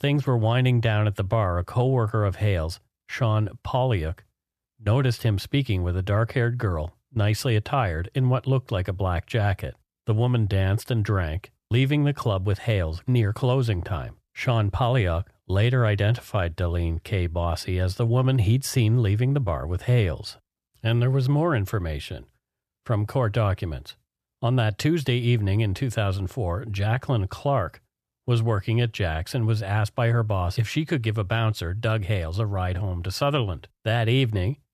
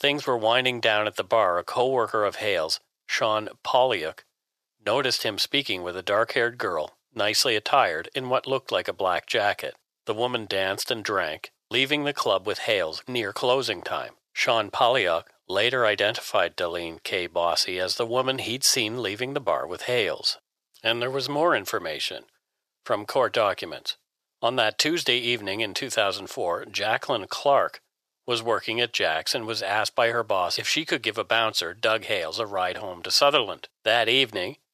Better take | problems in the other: first | thin; very; fading below 550 Hz

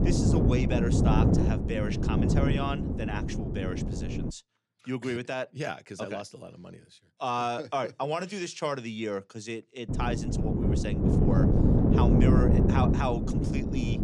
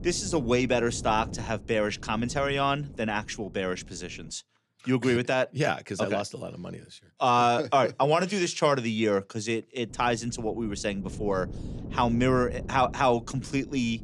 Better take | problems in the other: second | wind noise on the microphone; heavy; until 4.5 s and from 10 s on; as loud as the speech; occasional gusts in the second

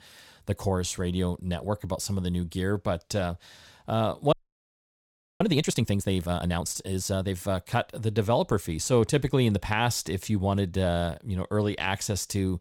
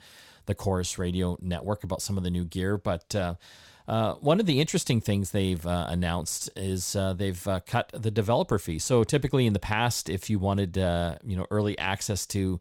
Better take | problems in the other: second | audio freezing; at 4.5 s for 1 s

